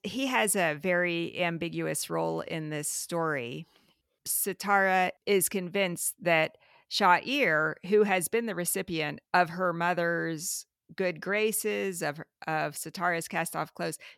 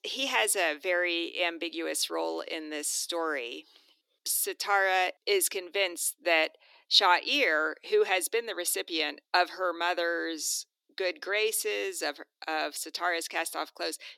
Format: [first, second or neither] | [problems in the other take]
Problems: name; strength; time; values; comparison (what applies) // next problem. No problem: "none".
first | thin; somewhat; fading below 300 Hz